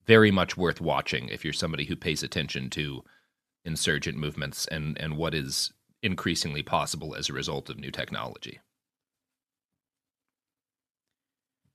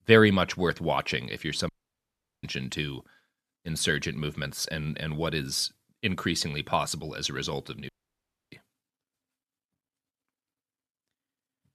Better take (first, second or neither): first